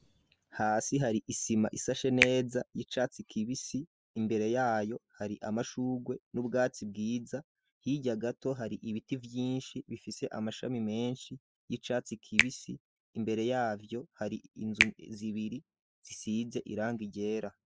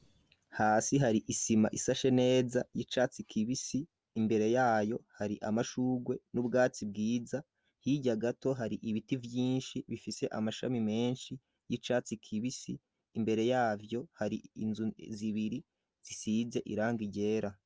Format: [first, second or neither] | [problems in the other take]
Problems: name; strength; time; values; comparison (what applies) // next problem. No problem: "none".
second | noise reduction (classical method spectral subtraction)